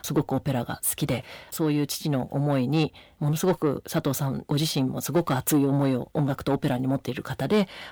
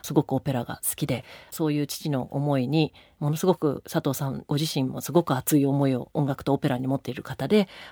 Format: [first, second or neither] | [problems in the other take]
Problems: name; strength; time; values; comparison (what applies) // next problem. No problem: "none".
second | distortion; slight; 10 dB below the speech